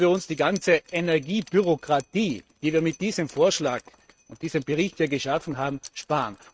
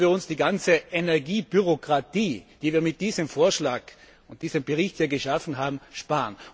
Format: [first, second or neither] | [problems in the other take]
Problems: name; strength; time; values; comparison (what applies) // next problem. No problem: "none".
second | noise reduction (neural mask model RNNoise)